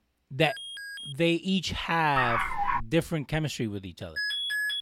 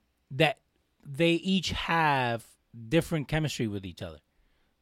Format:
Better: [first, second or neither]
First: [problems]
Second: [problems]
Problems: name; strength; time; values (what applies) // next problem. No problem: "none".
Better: second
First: alarm; noticeable; at 0.5 s; peak 9 dB below the speech // dog barking; loud; at 2 s; peak 1 dB above the speech // alarm; loud; at 4 s; peak 1 dB above the speech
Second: none